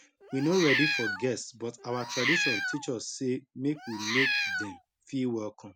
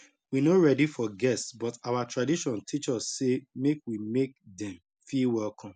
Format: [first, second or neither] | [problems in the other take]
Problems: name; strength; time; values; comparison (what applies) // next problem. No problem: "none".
second | background sound (Meow); as loud as the speech